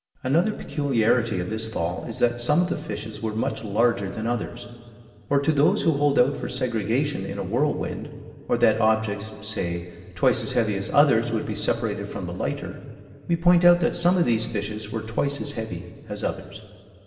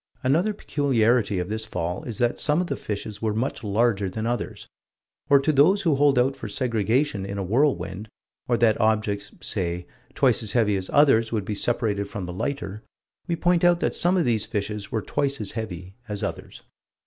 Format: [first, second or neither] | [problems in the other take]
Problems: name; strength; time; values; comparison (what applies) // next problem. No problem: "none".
second | room echo; dies away in 2.9 s